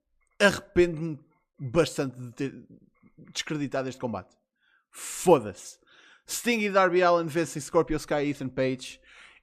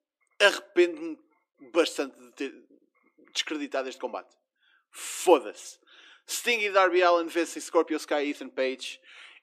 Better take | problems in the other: first | thin; somewhat; fading below 300 Hz

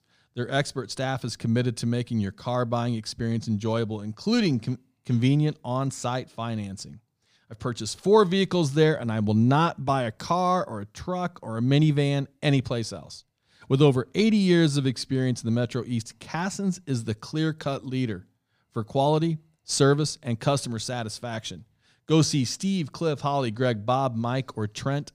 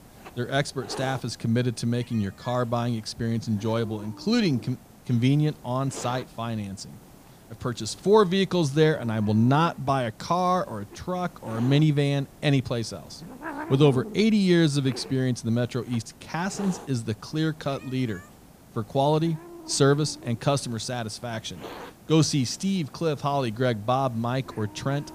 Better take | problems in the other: first | hiss; noticeable; throughout; 20 dB below the speech

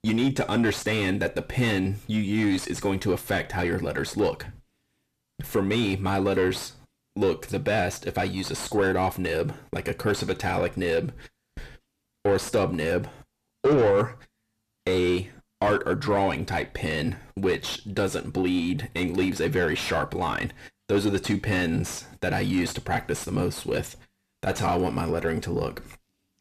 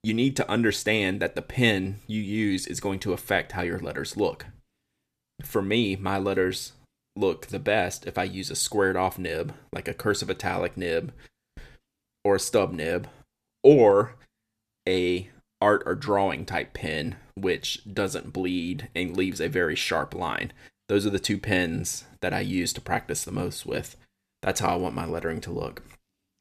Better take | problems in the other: second | distortion; heavy; 6 dB below the speech

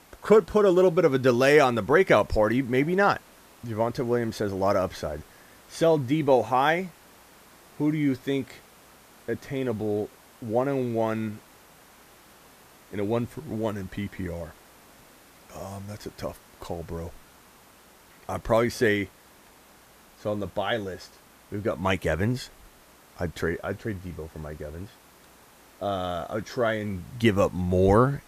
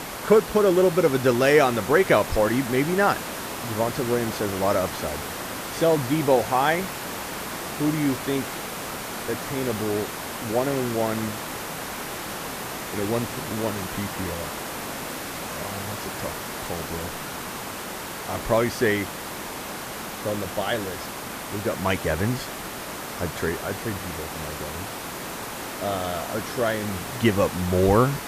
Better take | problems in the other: first | hiss; loud; throughout; 7 dB below the speech; faint in the first

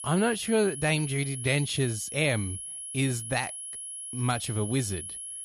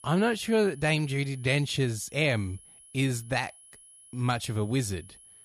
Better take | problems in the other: second | high-pitched whine; loud; throughout; 10.5 kHz, 7 dB below the speech; faint in the second

